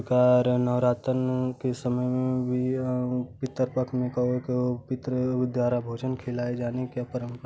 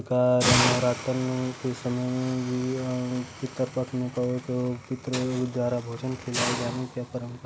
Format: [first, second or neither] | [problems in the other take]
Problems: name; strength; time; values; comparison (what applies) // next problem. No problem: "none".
first | background sound (Hiss); 6 dB below the speech